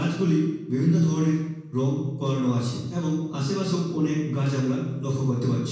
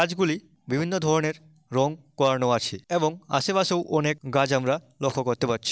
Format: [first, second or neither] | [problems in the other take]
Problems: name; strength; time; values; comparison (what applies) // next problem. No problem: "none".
second | room echo; dies away in 1.2 s